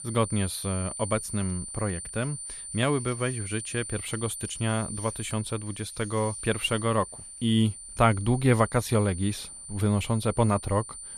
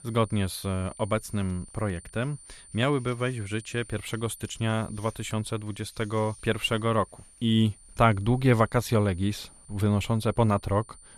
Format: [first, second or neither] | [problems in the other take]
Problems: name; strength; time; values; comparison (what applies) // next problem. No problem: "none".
second | high-pitched whine; loud; throughout; 9 kHz, 9 dB below the speech; faint in the second